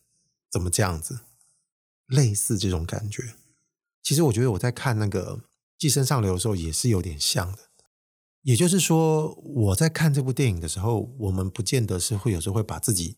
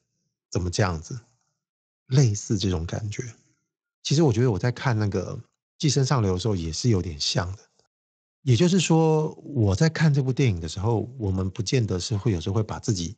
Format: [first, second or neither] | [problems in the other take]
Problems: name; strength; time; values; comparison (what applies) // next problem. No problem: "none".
first | garbled, watery; slightly; nothing above 7.5 kHz